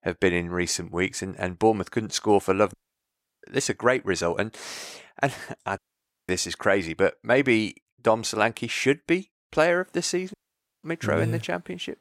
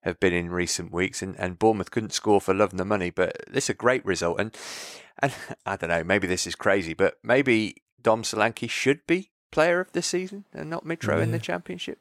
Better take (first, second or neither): second